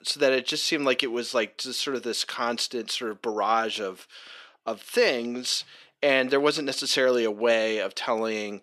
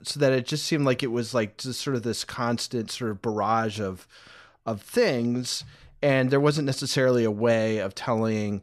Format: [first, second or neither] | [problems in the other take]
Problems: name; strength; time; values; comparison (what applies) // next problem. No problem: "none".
second | thin; somewhat; fading below 300 Hz